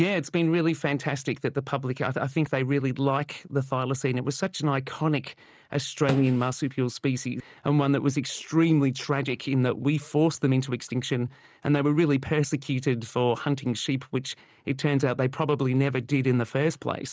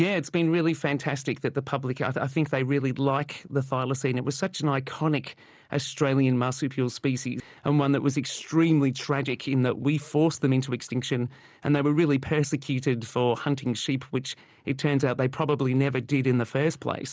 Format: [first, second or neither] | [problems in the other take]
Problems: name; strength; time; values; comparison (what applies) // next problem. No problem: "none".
second | noise reduction (neural mask model RNNoise)